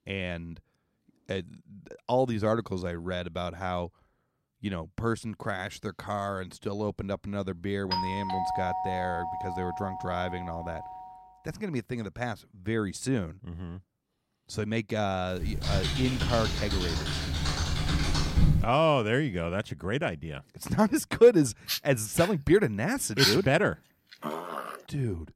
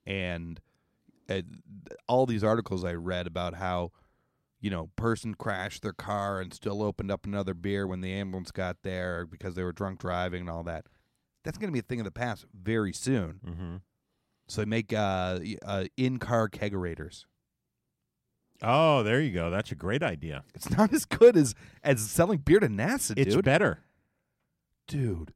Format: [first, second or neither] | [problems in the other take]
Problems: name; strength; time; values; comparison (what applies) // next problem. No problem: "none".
second | doorbell; noticeable; from 8 to 11 s; peak 1 dB below the speech // keyboard typing; loud; from 15 to 19 s; peak 4 dB above the speech // dog barking; loud; from 22 to 25 s; peak 5 dB above the speech